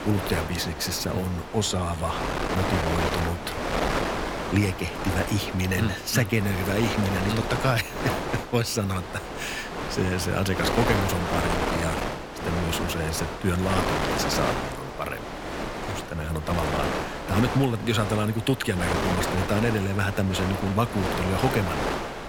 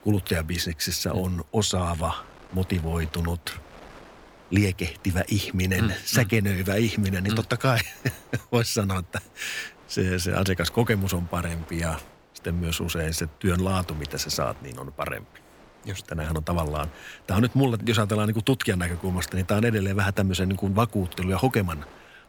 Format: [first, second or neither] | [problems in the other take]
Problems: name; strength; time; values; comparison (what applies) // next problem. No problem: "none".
second | wind noise on the microphone; heavy; as loud as the speech; occasional gusts in the second